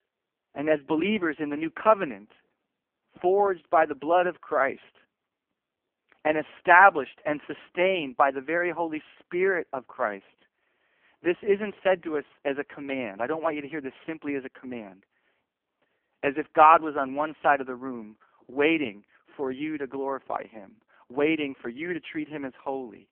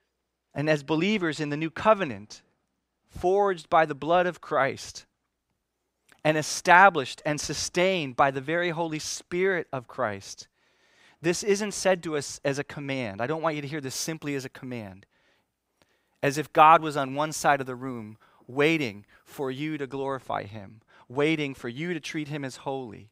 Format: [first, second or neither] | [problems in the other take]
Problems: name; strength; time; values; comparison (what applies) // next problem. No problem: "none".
second | phone-call audio; poor line; nothing above 3 kHz